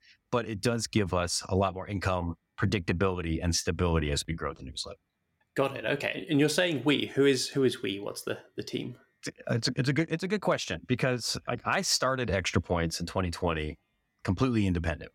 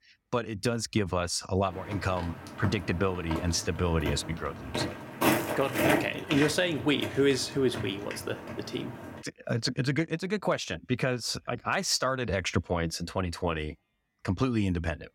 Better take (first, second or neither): first